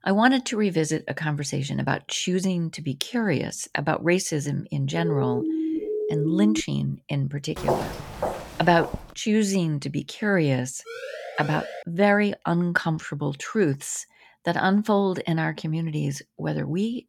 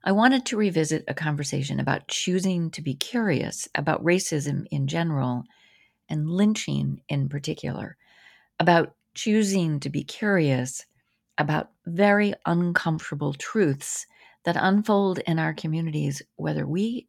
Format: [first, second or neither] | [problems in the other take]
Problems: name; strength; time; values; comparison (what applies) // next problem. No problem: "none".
second | siren; noticeable; from 5 to 6.5 s and at 11 s; peak 1 dB below the speech // footsteps; noticeable; from 7.5 to 9 s; peak 2 dB below the speech